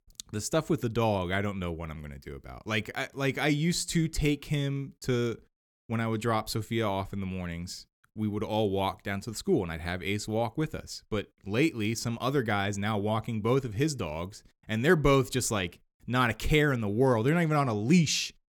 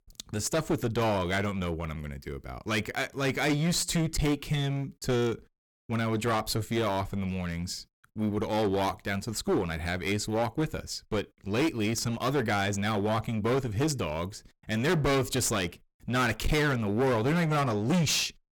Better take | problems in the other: first | distortion; heavy; 15% of the sound clipped

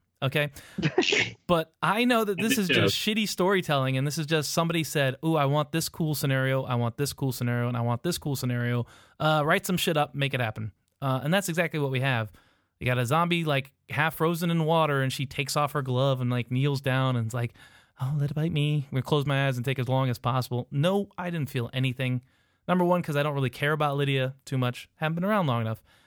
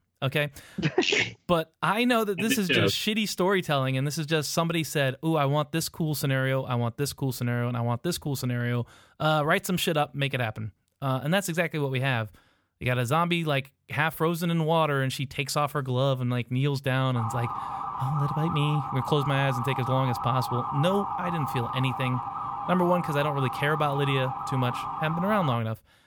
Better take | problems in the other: first | siren; noticeable; from 17 to 26 s; peak 4 dB below the speech

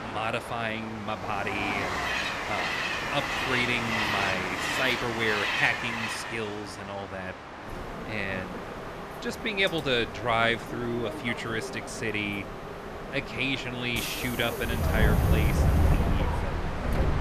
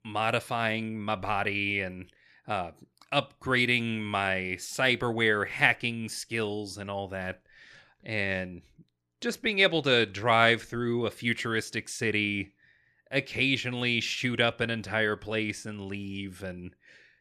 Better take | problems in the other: second | train or aircraft noise; loud; throughout; as loud as the speech

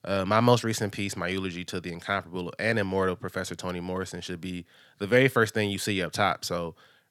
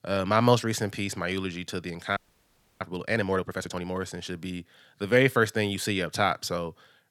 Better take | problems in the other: first | audio freezing; at 2 s for 0.5 s

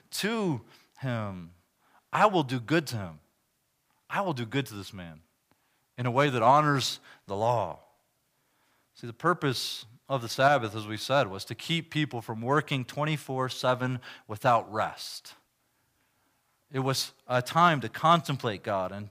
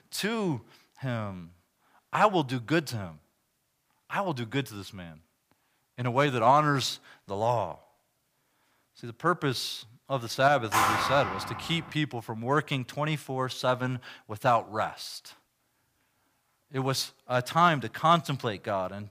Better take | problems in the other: first | phone ringing; loud; at 11 s; peak 4 dB above the speech

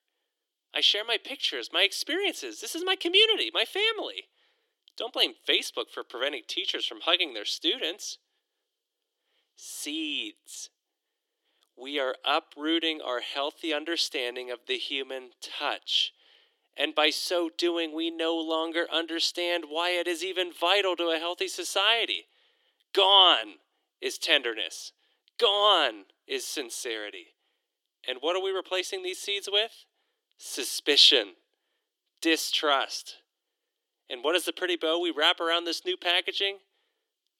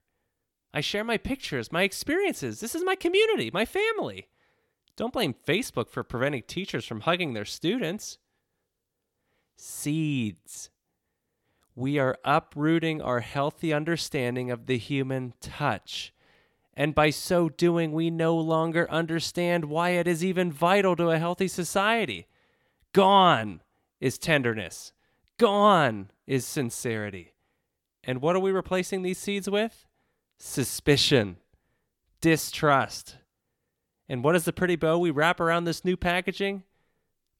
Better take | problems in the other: second | thin; very; fading below 300 Hz

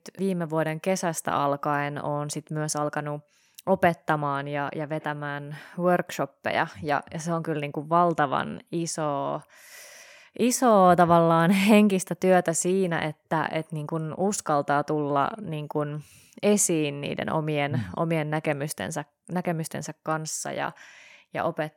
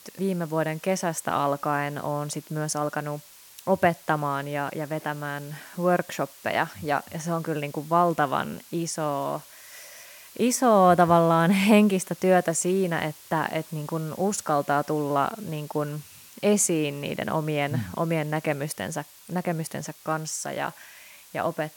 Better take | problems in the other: first | hiss; faint; throughout; 20 dB below the speech

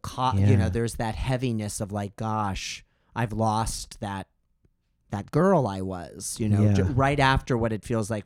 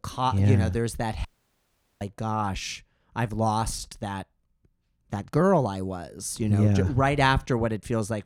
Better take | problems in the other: first | audio cutting out; at 1.5 s for 1 s

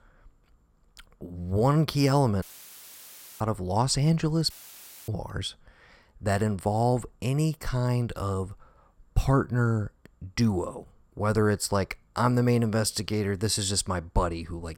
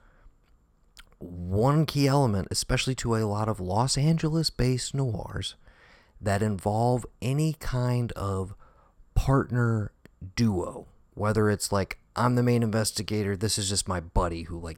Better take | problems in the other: second | audio cutting out; filled with static; at 2.5 s for 1 s and at 4.5 s for 0.5 s

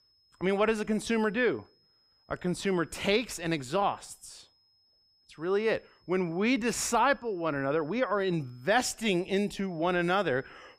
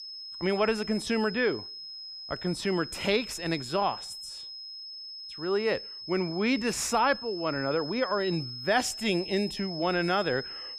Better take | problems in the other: first | high-pitched whine; loud; throughout; 5 kHz, 9 dB below the speech; faint in the first

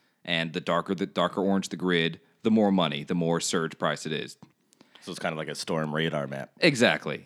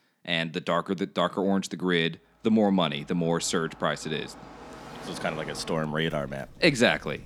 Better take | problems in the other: first | traffic noise; noticeable; from 2.5 s on; 20 dB below the speech

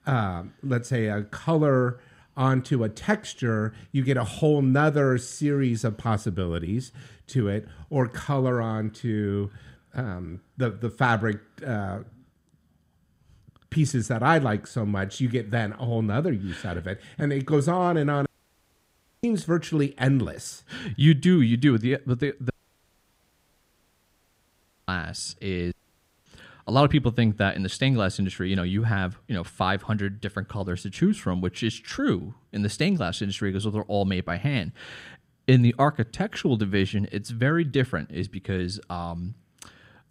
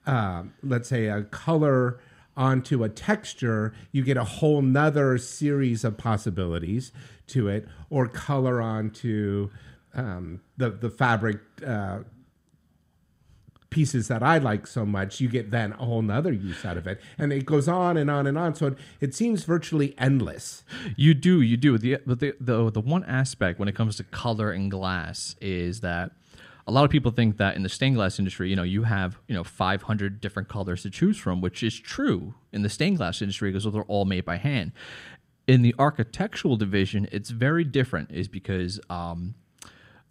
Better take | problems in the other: second | audio cutting out; at 18 s for 1 s, at 23 s for 2.5 s and at 26 s for 0.5 s

